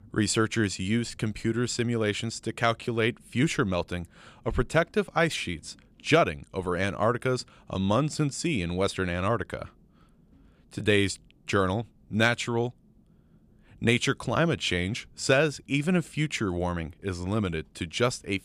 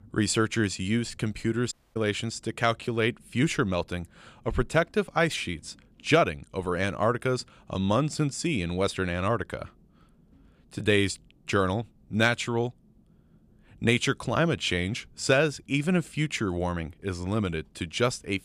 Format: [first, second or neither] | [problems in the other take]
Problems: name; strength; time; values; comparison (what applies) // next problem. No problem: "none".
first | audio cutting out; at 1.5 s